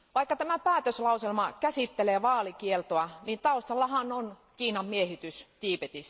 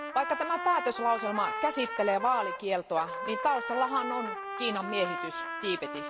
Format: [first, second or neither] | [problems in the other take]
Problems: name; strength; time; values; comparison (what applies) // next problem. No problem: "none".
first | background sound (Trumpet); 5 dB below the speech